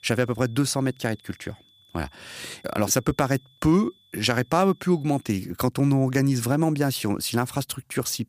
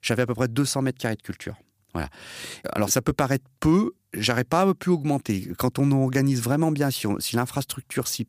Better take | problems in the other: second | high-pitched whine; faint; until 5.5 s; 3.5 kHz, 30 dB below the speech

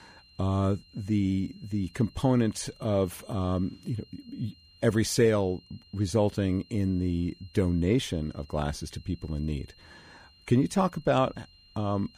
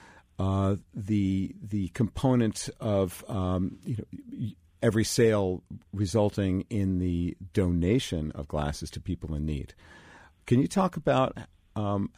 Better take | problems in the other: second | high-pitched whine; faint; throughout; 4 kHz, 25 dB below the speech

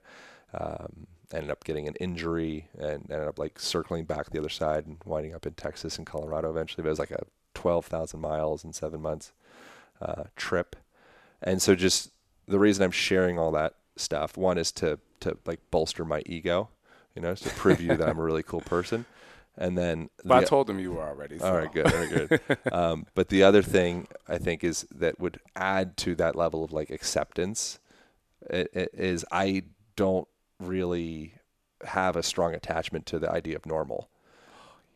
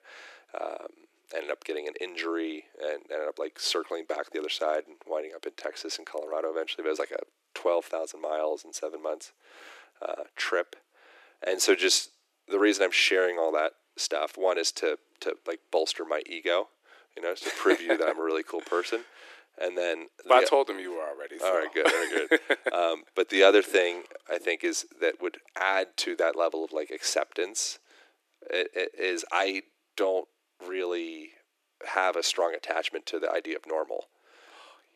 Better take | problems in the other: first | thin; very; fading below 300 Hz

